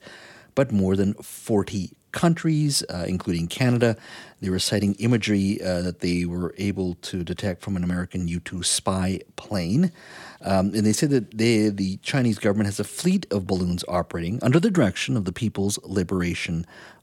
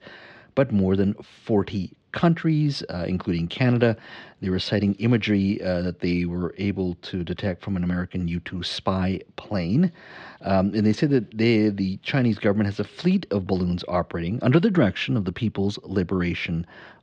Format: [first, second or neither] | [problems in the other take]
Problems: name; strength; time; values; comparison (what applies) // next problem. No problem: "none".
first | muffled; very slightly; fading above 4 kHz